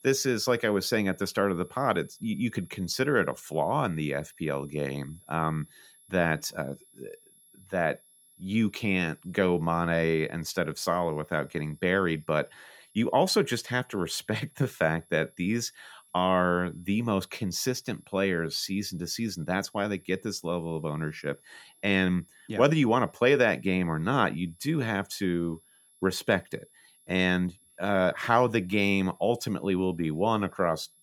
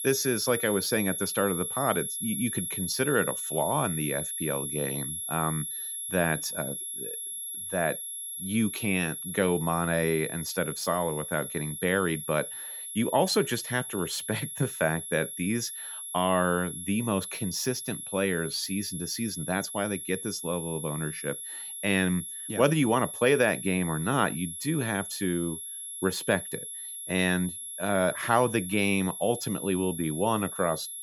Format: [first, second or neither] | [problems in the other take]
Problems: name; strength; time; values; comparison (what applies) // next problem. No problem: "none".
first | high-pitched whine; loud; throughout; 11 kHz, 5 dB below the speech; faint in the first